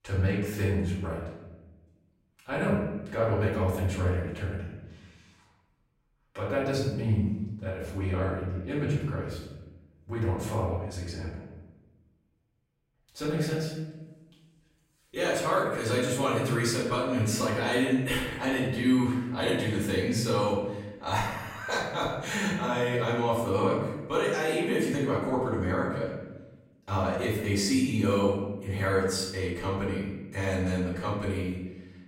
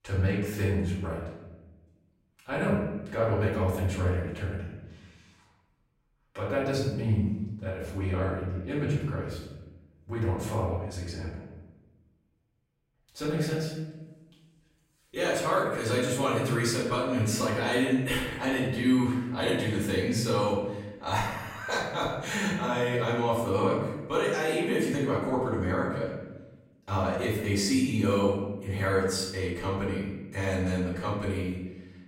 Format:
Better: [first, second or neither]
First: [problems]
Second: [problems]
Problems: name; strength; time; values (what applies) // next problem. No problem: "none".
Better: neither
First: off-mic speech; far // room echo; noticeable; dies away in 1 s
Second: off-mic speech; far // room echo; noticeable; dies away in 1 s